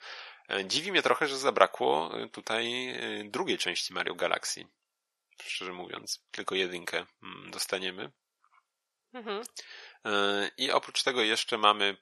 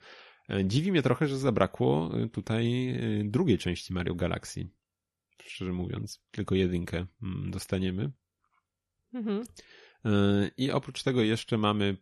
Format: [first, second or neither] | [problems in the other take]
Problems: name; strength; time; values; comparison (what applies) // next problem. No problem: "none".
second | thin; very; fading below 750 Hz